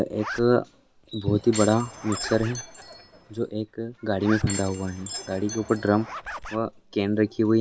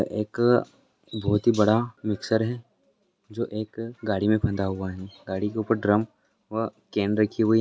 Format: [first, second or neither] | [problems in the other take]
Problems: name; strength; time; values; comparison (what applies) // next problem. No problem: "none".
second | background sound (Zipper (clothing) + Door / Chime); 13 dB below the speech